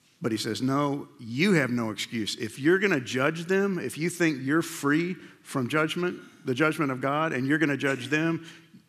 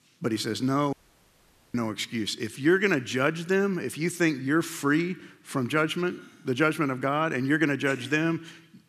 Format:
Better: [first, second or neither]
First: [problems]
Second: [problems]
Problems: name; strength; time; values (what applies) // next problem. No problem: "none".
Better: first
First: none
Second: audio cutting out; at 1 s for 1 s